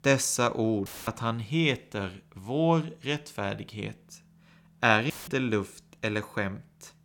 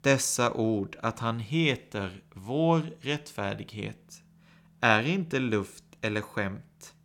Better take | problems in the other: second | audio cutting out; filled with static; at 1 s and at 5 s

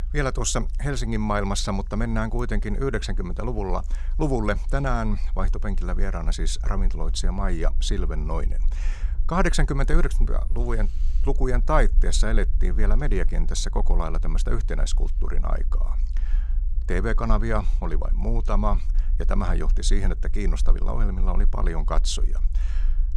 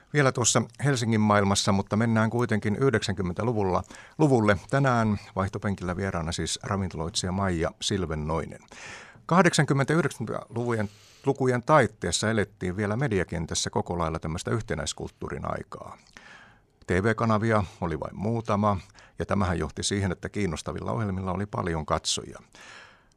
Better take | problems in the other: second | low rumble; faint; throughout; 25 dB below the speech

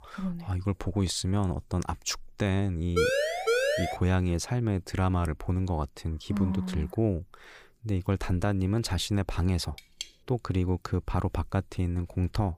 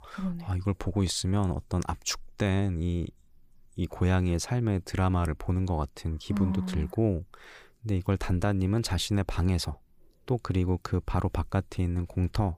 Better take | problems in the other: second | siren; loud; from 3 to 4 s; peak 4 dB above the speech // clattering dishes; faint; at 10 s; peak 10 dB below the speech

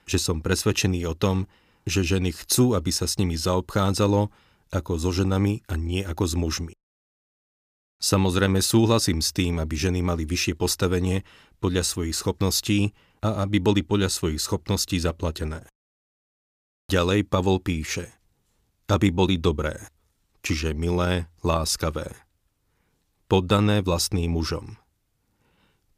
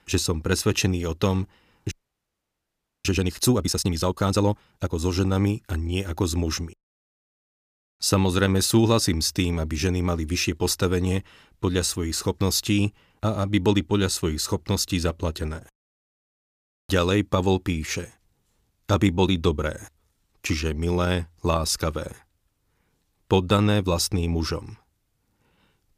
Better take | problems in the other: first | audio freezing; at 2 s for 1 s

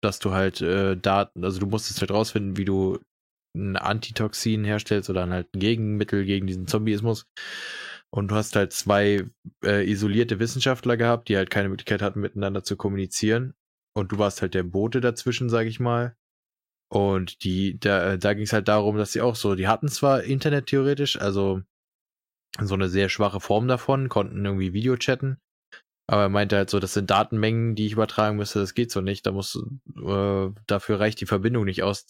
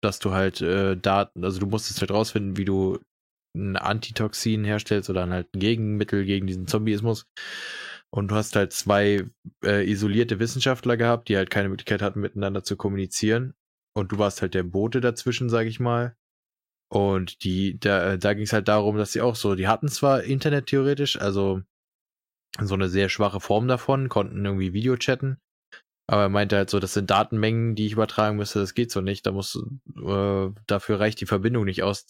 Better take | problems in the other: neither | none

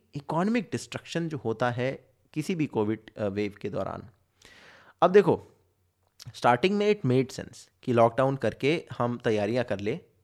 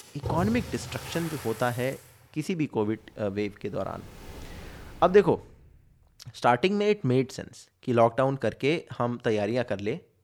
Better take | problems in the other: first | rain or running water; noticeable; until 5 s; 15 dB below the speech

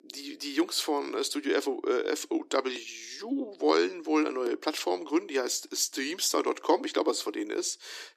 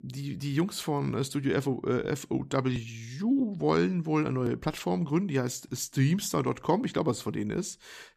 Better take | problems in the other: second | thin; somewhat; fading below 300 Hz

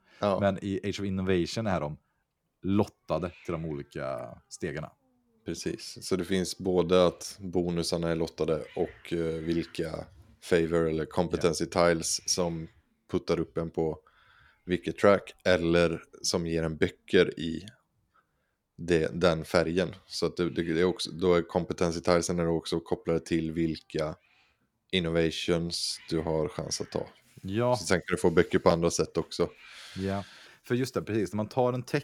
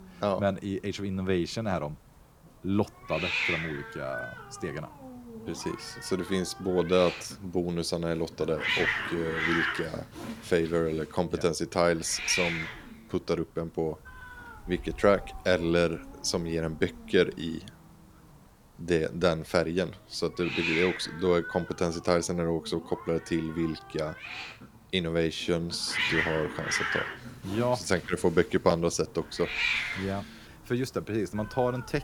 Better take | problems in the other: first | hiss; loud; throughout; 3 dB below the speech; faint in the first

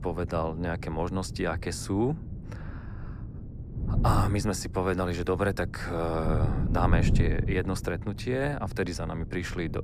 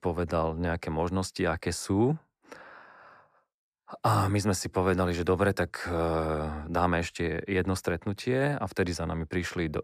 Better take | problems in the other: second | wind noise on the microphone; occasional gusts; 15 dB below the speech

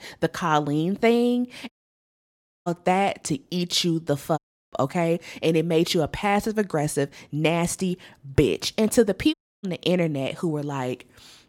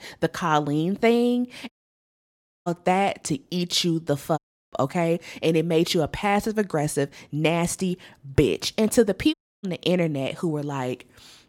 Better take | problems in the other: neither | audio cutting out; at 1.5 s for 1 s, at 4.5 s and at 9.5 s; the same in both

